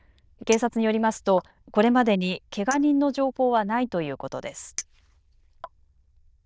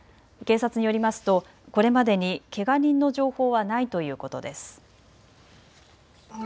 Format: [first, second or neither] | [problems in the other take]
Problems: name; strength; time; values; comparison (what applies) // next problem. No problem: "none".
second | noise reduction (neural diffusion model UNIVERSE++)